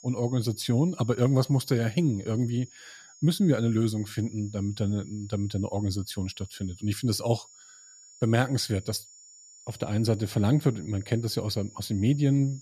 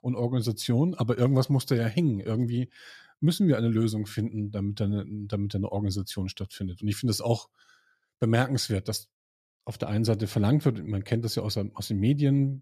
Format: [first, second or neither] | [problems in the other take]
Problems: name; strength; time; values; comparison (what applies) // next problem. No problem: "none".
second | high-pitched whine; faint; throughout; 7 kHz, 20 dB below the speech